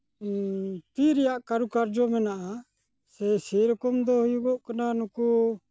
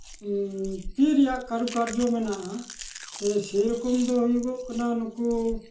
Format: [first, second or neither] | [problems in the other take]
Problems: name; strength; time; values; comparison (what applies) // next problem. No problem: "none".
first | background sound (Chewing, mastication); 15 dB below the speech // room echo; dies away in 0.4 s